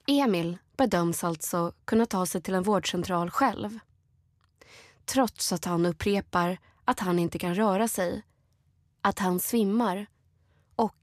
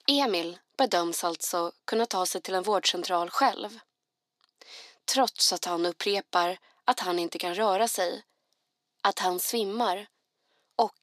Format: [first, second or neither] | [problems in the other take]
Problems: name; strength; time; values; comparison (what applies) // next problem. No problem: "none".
first | thin; somewhat; fading below 300 Hz